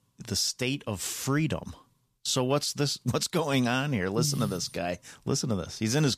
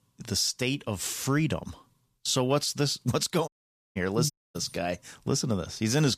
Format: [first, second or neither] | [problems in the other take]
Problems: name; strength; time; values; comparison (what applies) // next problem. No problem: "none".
first | audio cutting out; at 3.5 s and at 4.5 s